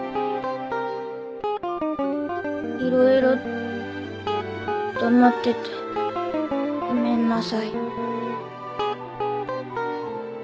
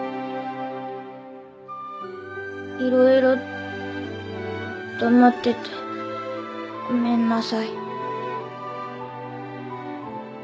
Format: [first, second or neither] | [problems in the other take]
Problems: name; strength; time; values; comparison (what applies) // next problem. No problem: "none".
second | background sound (Guitar); 3 dB below the speech